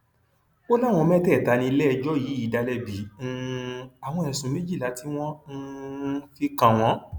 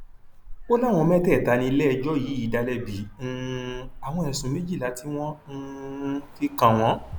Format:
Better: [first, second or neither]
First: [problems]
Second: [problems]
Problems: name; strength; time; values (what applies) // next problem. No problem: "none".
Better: first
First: none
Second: background sound (Motor vehicle (road)); 14 dB below the speech